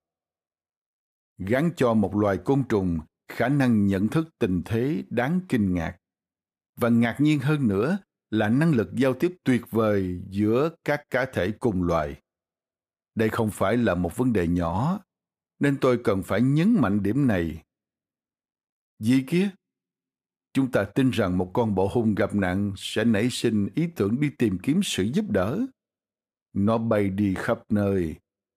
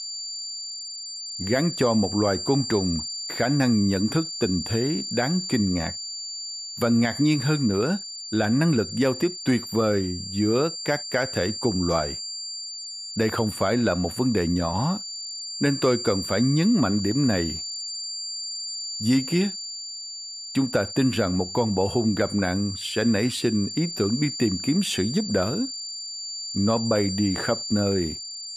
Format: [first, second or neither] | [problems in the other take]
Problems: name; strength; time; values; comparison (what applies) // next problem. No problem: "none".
first | high-pitched whine; loud; throughout; 4.5 kHz, 7 dB below the speech